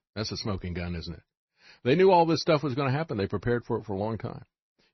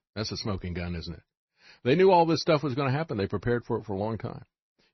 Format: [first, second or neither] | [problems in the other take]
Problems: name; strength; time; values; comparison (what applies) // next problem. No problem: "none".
neither | garbled, watery; slightly; nothing above 6 kHz; the same in both